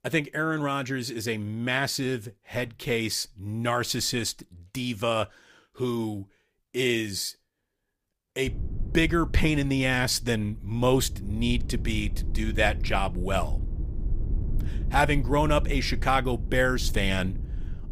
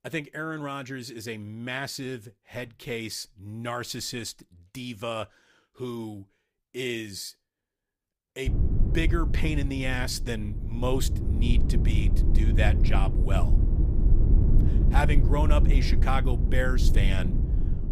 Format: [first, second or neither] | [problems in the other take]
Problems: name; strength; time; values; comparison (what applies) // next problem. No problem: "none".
first | low rumble; loud; from 8.5 s on; 7 dB below the speech; faint in the first